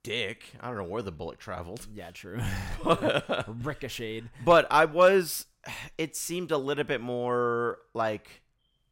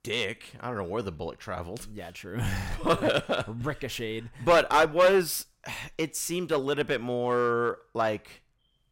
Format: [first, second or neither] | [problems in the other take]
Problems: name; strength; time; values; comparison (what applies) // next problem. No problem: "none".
first | distortion; slight; 3% of the sound clipped